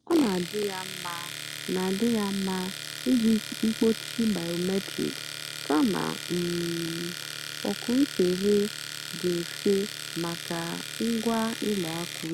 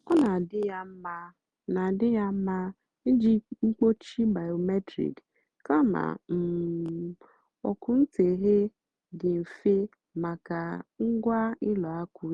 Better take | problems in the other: second | background sound (Domestic sounds, home sounds); 9 dB below the speech

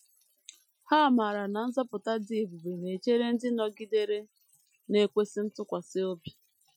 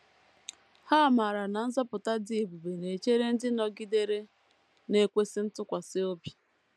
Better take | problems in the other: second | noise reduction (classical method Wiener filter)

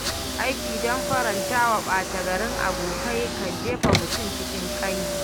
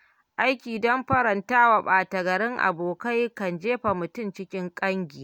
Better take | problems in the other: second | background sound (Car); as loud as the speech

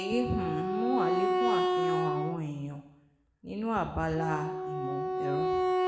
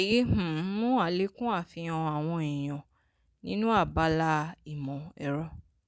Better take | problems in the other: second | background sound (Wind instrument, woodwind instrument); 3 dB above the speech // room echo; dies away in 0.9 s

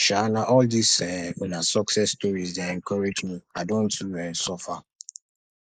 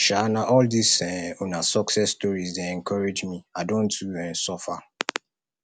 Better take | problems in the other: second | noise reduction (neural mask model Resemble Enhance denoiser)

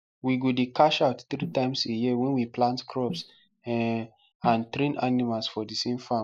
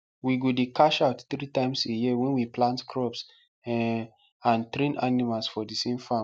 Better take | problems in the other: second | noise reduction (neural mask model Resemble Enhance denoiser)

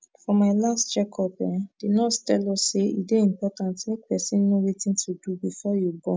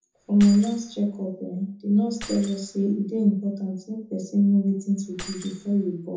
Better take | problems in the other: first | background sound (Keys jangling); 19 dB below the speech // room echo; dies away in 0.5 s

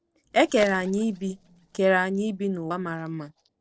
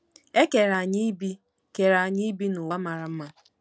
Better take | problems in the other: second | noise reduction (neural separator model SepFormer DNS4)

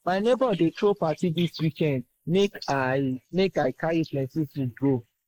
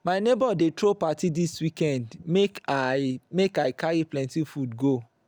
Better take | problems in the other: second | noise reduction (neural mask model Resemble Enhance denoiser)

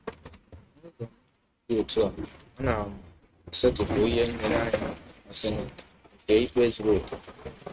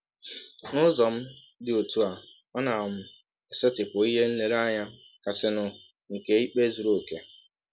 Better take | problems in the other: second | noise reduction (neural mask model RNNoise)

